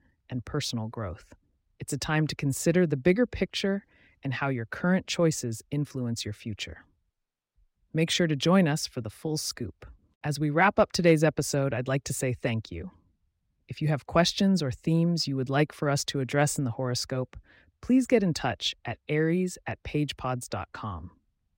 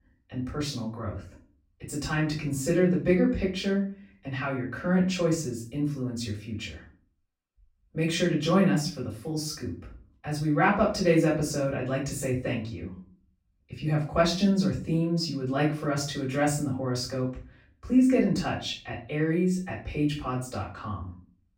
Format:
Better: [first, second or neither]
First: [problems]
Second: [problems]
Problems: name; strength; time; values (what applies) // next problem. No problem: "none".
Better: first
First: none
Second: off-mic speech; far // room echo; slight; dies away in 0.4 s